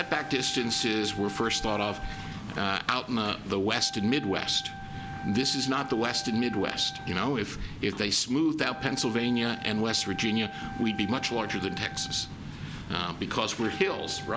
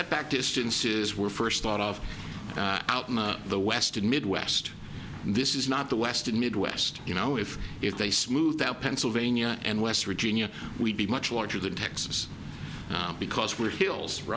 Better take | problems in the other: second | background sound (Wind instrument, woodwind instrument); 14 dB below the speech

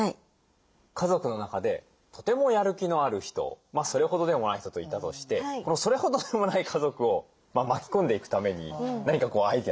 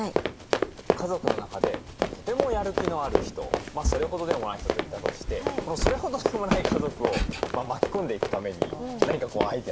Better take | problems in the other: first | background sound (Run + Walk, footsteps); 3 dB above the speech

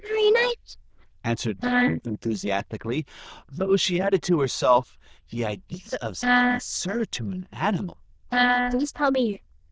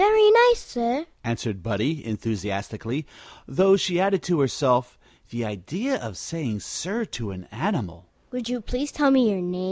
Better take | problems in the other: second | noise reduction (neural diffusion model UNIVERSE++)

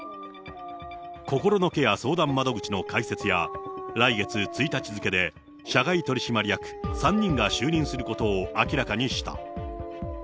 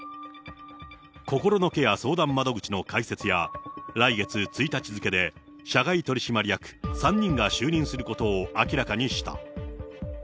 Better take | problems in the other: second | background sound (Dog); 13 dB below the speech

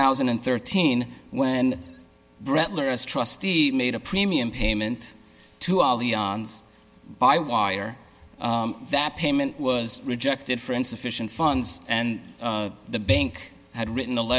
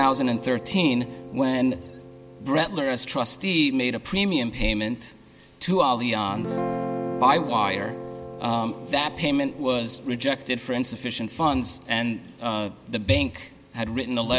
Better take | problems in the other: first | background sound (Guitar); 12 dB below the speech

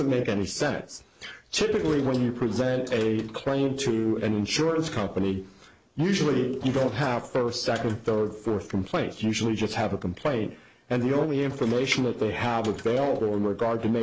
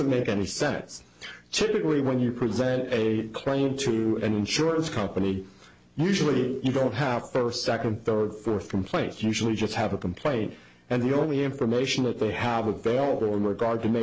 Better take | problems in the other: second | noise reduction (neural mask model Resemble Enhance denoiser)

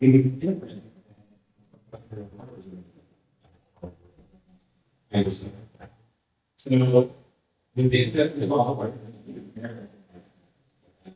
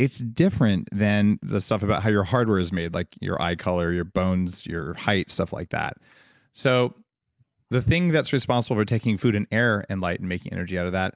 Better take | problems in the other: second | noise reduction (neural mask model DeepFilterNet 3)

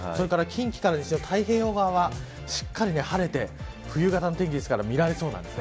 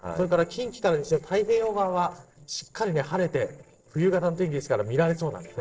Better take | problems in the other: first | noise reduction (neural separator model SepFormer DNS4)

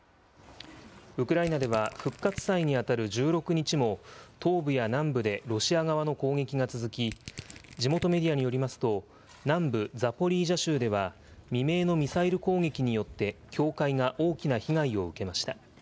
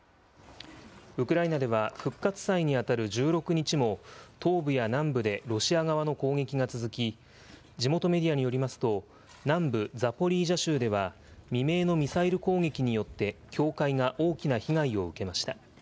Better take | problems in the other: second | background sound (Crushing); 17 dB below the speech

